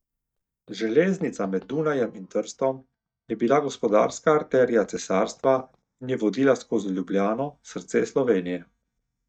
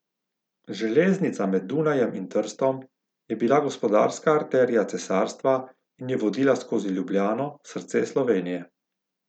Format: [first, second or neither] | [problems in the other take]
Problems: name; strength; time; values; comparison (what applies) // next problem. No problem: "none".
second | noise reduction (neural mask model DeepFilterNet 3)